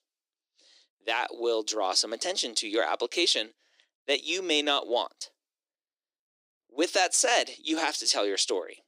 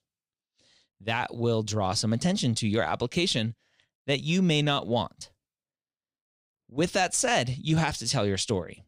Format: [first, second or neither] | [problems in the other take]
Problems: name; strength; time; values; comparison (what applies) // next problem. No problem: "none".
second | thin; very; fading below 300 Hz